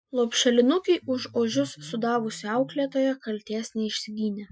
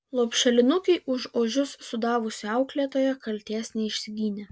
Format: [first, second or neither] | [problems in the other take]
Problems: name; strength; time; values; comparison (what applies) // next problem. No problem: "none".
second | noise reduction (classical method Wiener filter)